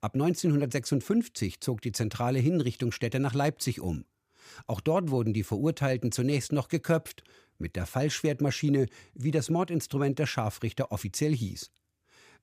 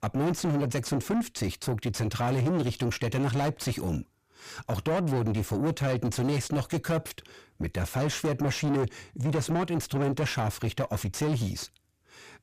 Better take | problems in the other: first | distortion; heavy; 6 dB below the speech

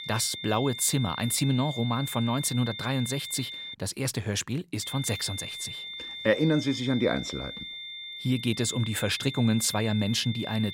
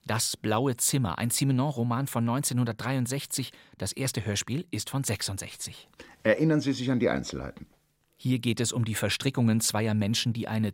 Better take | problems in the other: second | high-pitched whine; loud; until 3.5 s and from 5 s on; 3.5 kHz, 8 dB below the speech

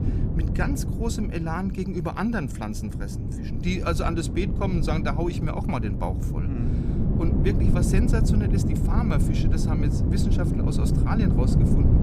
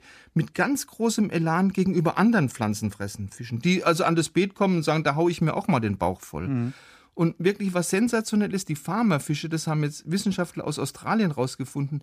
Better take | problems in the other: second | wind noise on the microphone; heavy; 3 dB below the speech

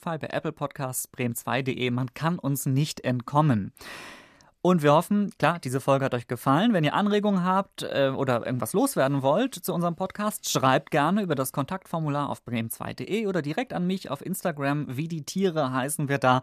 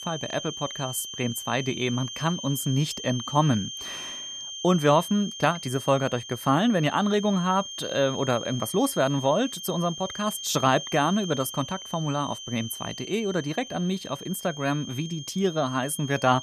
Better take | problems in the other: first | high-pitched whine; loud; throughout; 3 kHz, 9 dB below the speech

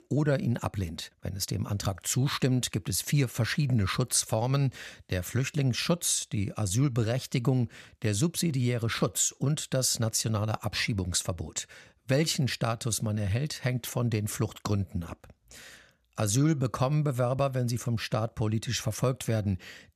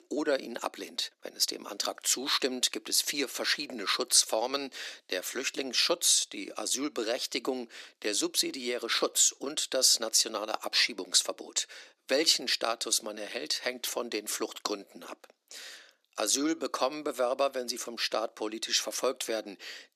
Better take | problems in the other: first | thin; very; fading below 300 Hz

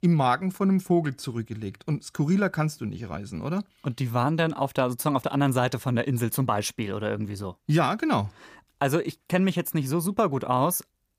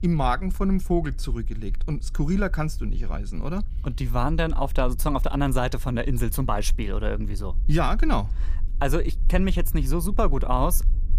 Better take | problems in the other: first | low rumble; faint; throughout; 25 dB below the speech

